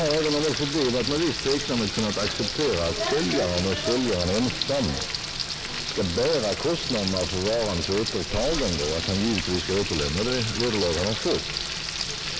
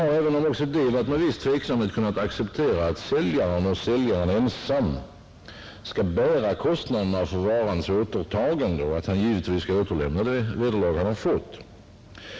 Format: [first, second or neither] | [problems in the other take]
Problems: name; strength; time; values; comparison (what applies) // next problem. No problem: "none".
second | background sound (Frying (food)); 4 dB below the speech